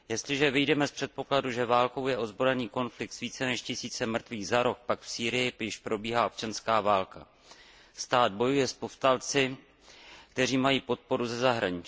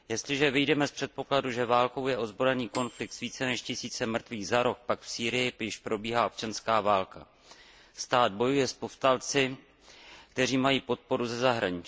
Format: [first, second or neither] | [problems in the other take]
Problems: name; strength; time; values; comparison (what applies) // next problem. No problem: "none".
first | background sound (Microwave oven / Bell); 18 dB below the speech